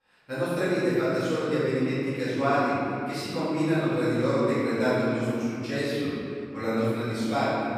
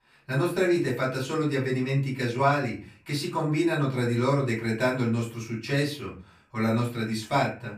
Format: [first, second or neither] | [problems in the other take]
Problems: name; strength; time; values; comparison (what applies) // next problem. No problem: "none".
second | room echo; strong; dies away in 3 s; slight in the second // off-mic speech; far; far in the second